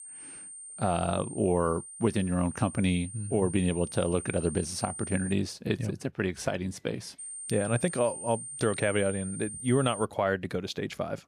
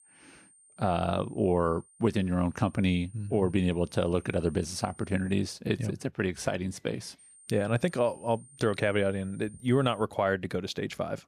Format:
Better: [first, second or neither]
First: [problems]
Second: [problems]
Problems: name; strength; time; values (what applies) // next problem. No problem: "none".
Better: second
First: high-pitched whine; loud; until 5.5 s and from 7 to 10 s; 9 kHz, 10 dB below the speech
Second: high-pitched whine; faint; until 5.5 s and from 7 to 10 s; 9 kHz, 25 dB below the speech